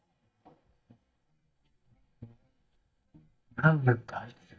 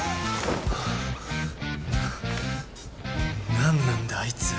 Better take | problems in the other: second | noise reduction (neural mask model DeepFilterNet 3)

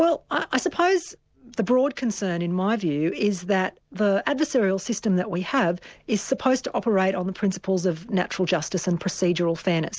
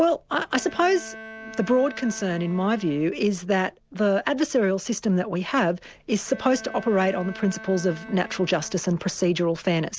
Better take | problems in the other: first | background sound (Bowed string instrument); 18 dB below the speech

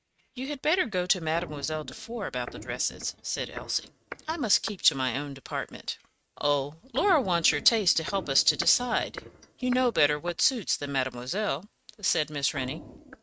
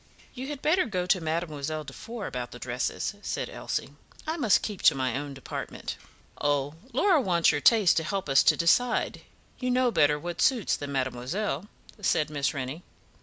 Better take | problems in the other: second | noise reduction (neural mask model RNNoise)

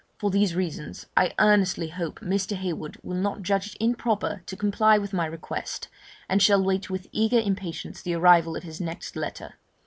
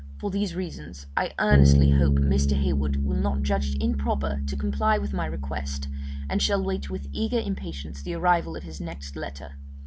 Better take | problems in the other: first | background sound (Bass guitar); 3 dB above the speech

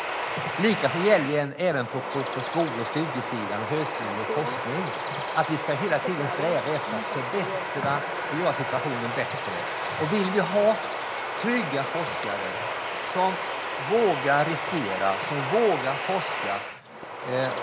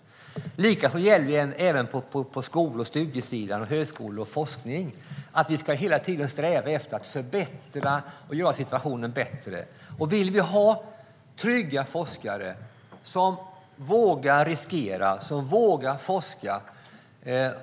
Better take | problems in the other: second | background sound (Bird vocalization, bird call, bird song); 3 dB below the speech

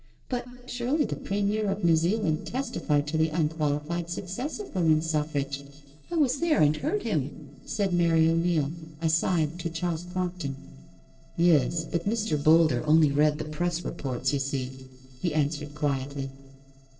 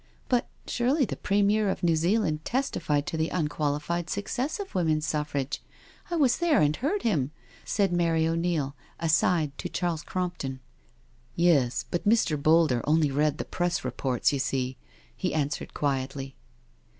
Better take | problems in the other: second | noise reduction (neural separator model SepFormer DNS4)

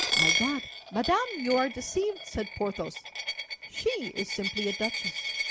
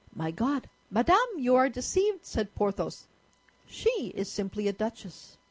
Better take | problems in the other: second | background sound (Coin (dropping)); 1 dB below the speech

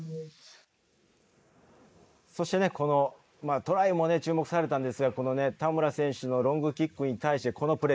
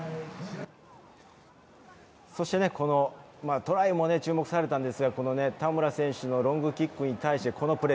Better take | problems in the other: second | noise reduction (neural mask model Resemble Enhance denoiser)

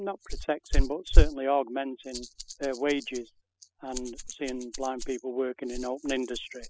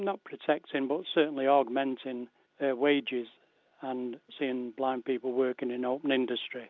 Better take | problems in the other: second | noise reduction (classical method spectral subtraction)

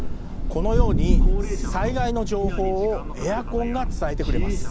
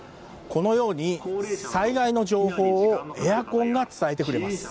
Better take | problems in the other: second | background sound (Thunder); 5 dB above the speech

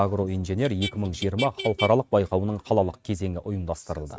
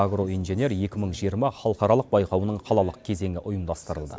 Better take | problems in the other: second | noise reduction (neural mask model RNNoise)

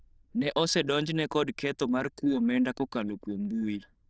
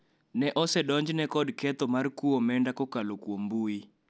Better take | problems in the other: second | noise reduction (neural diffusion model UNIVERSE++)

